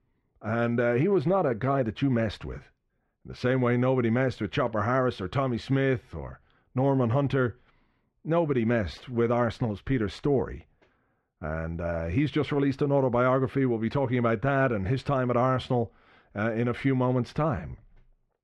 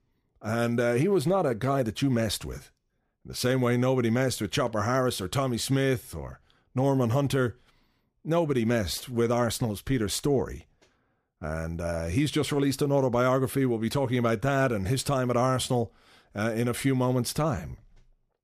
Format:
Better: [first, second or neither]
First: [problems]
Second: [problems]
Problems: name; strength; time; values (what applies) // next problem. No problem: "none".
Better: second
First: muffled; slightly; fading above 2 kHz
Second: none